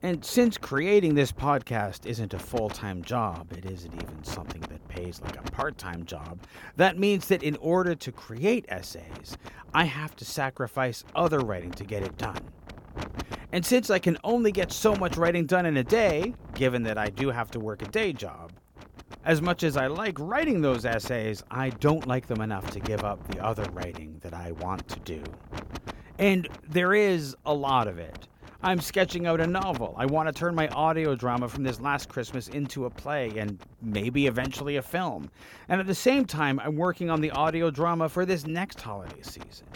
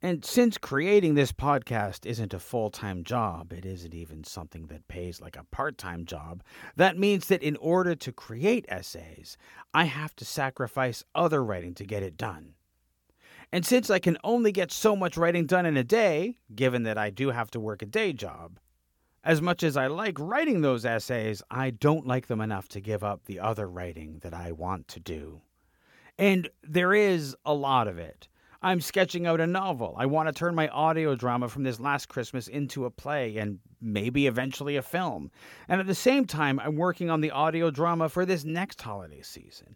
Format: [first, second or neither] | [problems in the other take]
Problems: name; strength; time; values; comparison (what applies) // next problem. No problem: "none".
second | wind noise on the microphone; occasional gusts; 15 dB below the speech